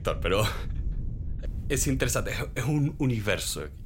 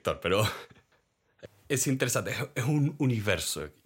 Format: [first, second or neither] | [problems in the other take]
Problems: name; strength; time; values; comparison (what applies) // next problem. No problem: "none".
second | wind noise on the microphone; occasional gusts; 25 dB below the speech